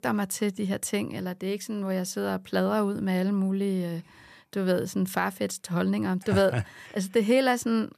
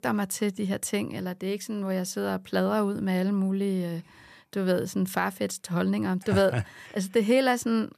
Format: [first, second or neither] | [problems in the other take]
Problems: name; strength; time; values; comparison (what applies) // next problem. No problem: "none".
neither | none